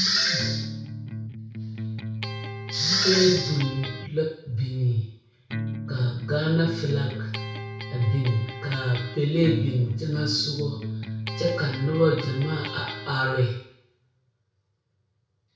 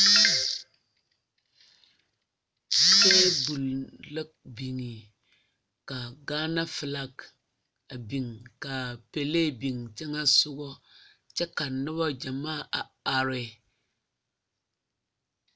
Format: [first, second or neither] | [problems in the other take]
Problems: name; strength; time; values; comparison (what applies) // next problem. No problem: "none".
second | background sound (Electric guitar); 7 dB below the speech // room echo; dies away in 0.6 s